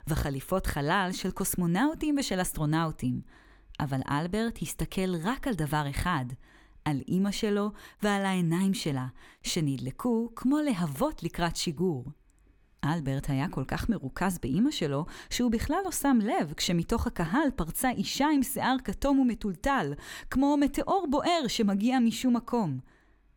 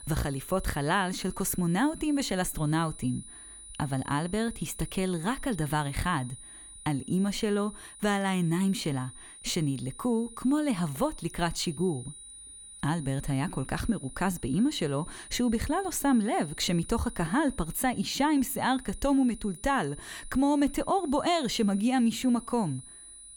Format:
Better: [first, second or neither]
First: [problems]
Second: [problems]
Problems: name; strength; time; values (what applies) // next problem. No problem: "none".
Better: first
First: none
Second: high-pitched whine; noticeable; throughout; 9.5 kHz, 15 dB below the speech